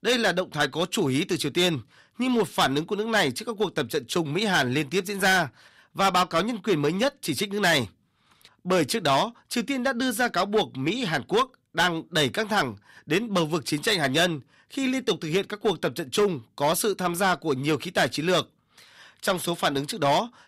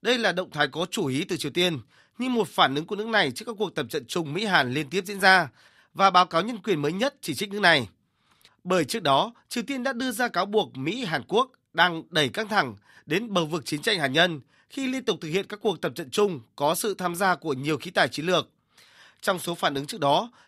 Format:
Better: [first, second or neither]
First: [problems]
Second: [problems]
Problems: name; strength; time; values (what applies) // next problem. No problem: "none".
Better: second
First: distortion; heavy; 5% of the sound clipped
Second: none